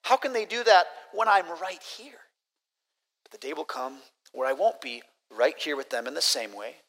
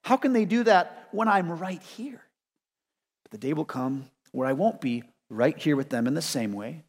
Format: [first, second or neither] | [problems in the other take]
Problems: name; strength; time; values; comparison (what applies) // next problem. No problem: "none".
second | thin; very; fading below 450 Hz